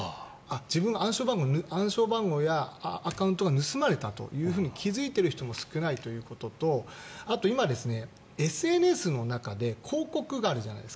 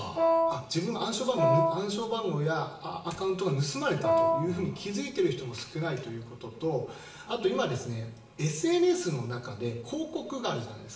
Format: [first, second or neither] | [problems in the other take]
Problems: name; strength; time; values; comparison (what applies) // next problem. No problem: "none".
first | background sound (Wind instrument, woodwind instrument); 4 dB above the speech // room echo; dies away in 0.7 s